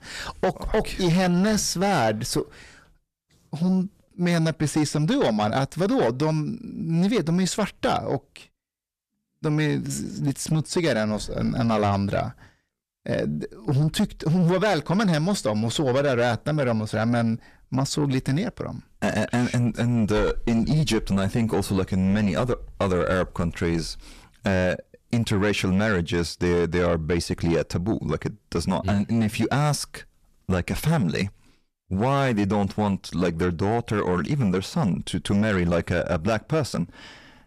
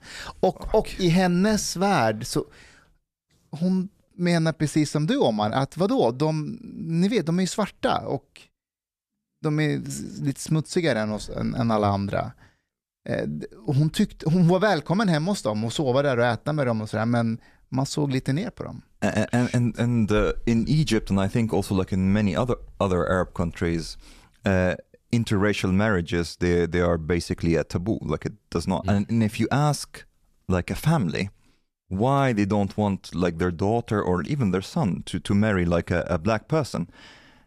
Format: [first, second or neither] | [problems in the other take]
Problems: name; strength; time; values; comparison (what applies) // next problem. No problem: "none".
second | distortion; slight; 10 dB below the speech